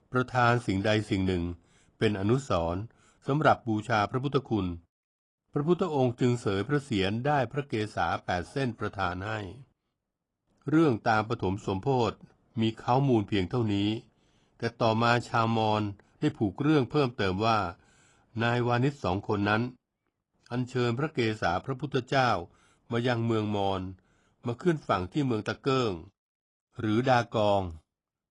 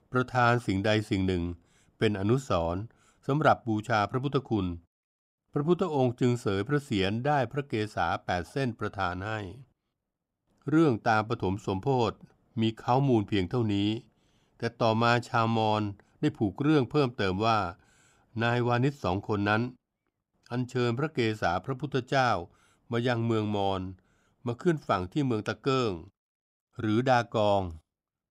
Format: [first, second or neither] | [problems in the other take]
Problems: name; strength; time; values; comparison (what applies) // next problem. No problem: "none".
second | garbled, watery; slightly